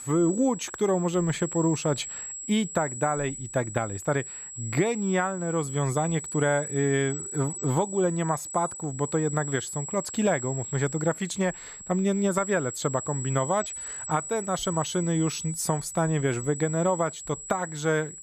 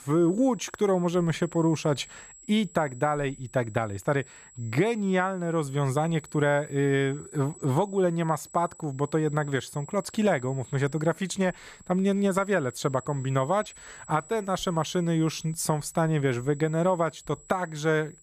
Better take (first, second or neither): second